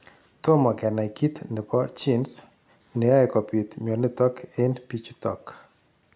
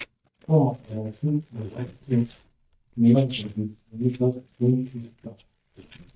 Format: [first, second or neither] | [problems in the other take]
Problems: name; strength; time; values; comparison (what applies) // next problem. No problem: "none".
first | noise reduction (neural mask model DeepFilterNet 3)